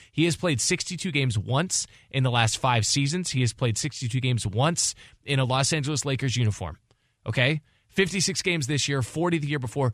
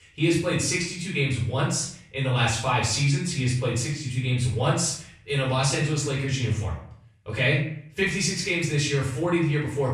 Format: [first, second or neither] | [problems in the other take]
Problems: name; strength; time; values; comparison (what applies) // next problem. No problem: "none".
first | off-mic speech; far // room echo; noticeable; dies away in 0.5 s